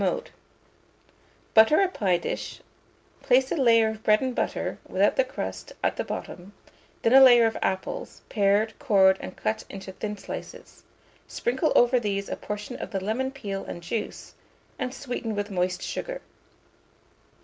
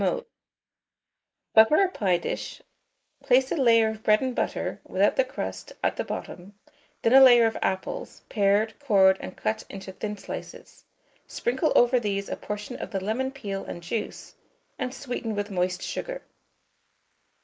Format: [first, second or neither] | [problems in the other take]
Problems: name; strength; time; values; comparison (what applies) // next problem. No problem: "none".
first | noise reduction (neural mask model Resemble Enhance denoiser)